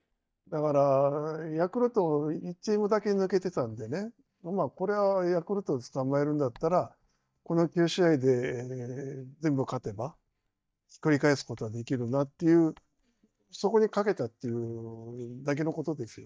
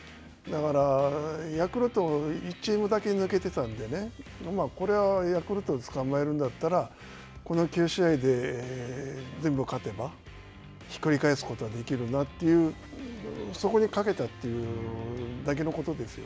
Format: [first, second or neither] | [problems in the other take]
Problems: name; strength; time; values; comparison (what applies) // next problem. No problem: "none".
second | noise reduction (neural mask model DeepFilterNet 3)